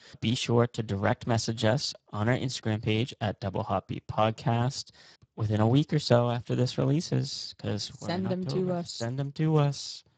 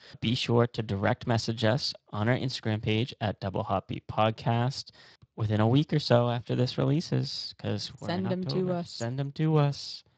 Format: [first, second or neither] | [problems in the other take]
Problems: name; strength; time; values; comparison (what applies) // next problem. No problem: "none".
second | garbled, watery; badly; nothing above 7.5 kHz; slightly in the second